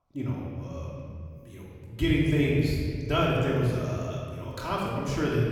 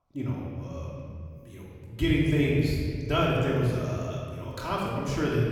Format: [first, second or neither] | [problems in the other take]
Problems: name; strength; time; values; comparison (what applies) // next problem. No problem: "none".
neither | off-mic speech; far; the same in both // room echo; strong; dies away in 2 s; the same in both